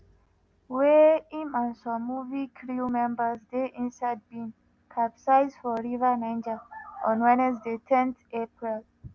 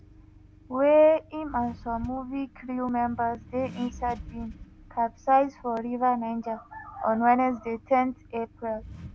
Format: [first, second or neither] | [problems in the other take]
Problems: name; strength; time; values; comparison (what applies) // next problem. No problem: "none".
first | background sound (Accelerating, revving, vroom); 19 dB below the speech